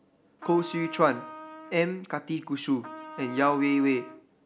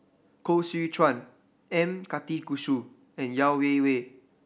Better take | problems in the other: second | background sound (Trumpet); 15 dB below the speech

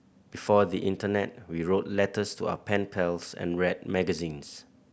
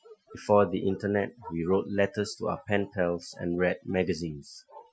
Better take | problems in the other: first | noise reduction (classical method Wiener filter)

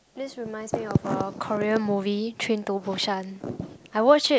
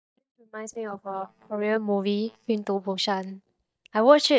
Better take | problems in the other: first | noise reduction (neural mask model DeepFilterNet 3)

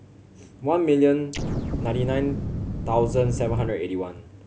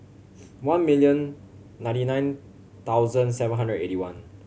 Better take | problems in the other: second | background sound (Explosion); 4 dB below the speech

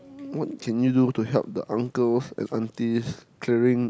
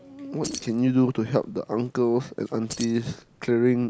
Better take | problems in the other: first | background sound (Keys jangling); 17 dB below the speech

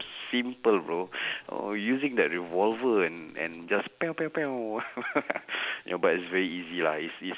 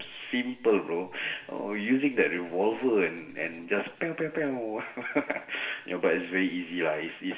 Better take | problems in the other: first | room echo; dies away in 0.6 s

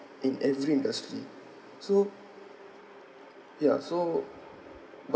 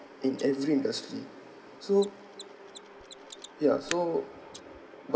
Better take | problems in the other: first | background sound (Mechanisms); 18 dB below the speech

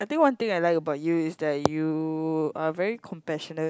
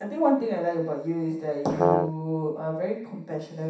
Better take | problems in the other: first | background sound (Brass instrument); 4 dB above the speech // room echo; dies away in 0.7 s

